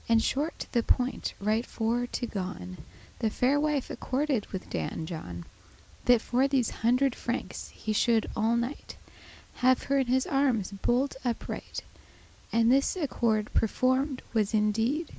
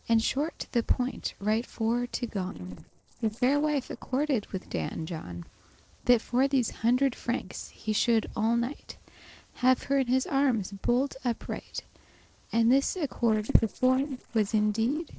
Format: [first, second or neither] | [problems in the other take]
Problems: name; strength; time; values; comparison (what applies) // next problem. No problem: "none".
first | noise reduction (neural separator model SepFormer DNS4)